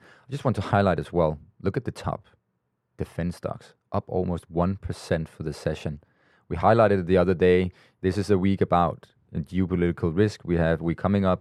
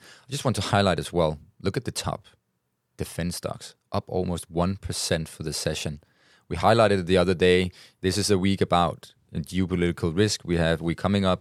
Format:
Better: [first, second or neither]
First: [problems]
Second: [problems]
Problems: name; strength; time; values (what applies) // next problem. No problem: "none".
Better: second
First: muffled; slightly; fading above 3 kHz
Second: none